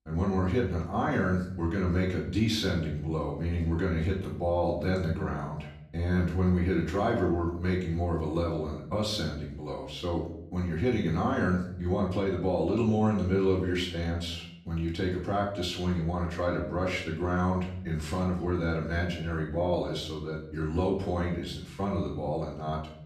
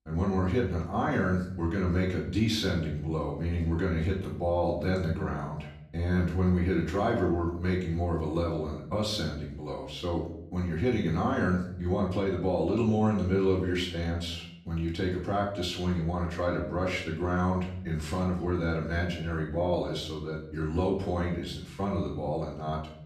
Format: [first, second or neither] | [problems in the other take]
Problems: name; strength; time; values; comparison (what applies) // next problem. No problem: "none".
neither | off-mic speech; far; the same in both // room echo; slight; dies away in 0.6 s; the same in both